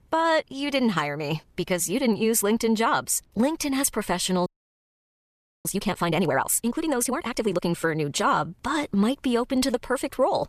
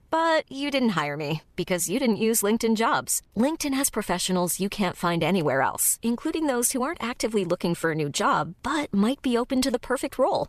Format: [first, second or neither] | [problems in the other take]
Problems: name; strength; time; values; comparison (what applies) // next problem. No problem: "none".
second | audio freezing; at 4.5 s for 1 s